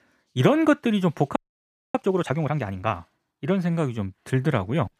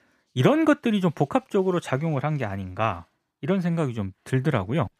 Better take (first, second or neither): second